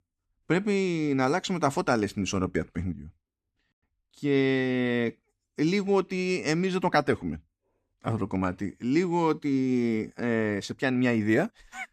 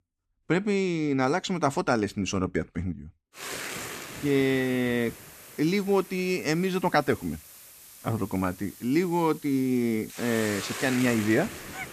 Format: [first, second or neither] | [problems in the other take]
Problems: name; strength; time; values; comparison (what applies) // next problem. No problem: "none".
first | hiss; noticeable; from 3.5 s on; 10 dB below the speech